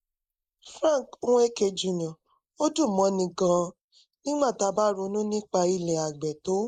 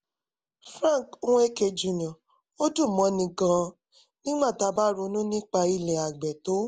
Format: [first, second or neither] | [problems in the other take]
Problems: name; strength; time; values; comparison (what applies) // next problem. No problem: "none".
second | noise reduction (neural mask model Resemble Enhance denoiser)